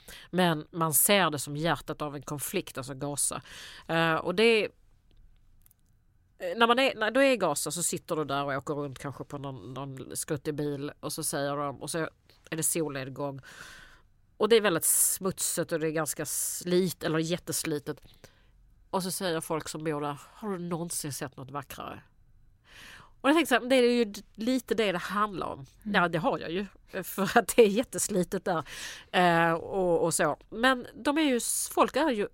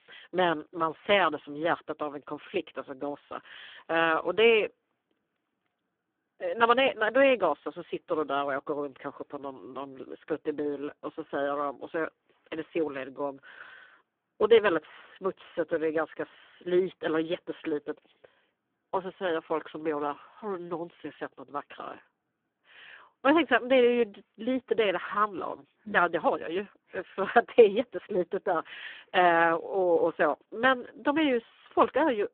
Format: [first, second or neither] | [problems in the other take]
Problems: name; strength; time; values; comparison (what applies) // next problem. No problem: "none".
first | phone-call audio; poor line